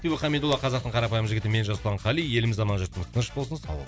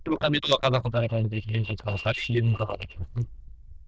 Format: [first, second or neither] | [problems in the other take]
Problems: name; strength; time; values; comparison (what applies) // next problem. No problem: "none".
first | noise reduction (neural diffusion model UNIVERSE++)